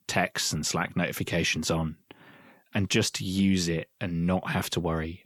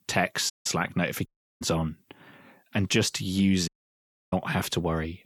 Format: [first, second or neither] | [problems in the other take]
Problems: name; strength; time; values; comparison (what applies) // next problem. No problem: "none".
first | audio cutting out; at 0.5 s, at 1.5 s and at 3.5 s for 0.5 s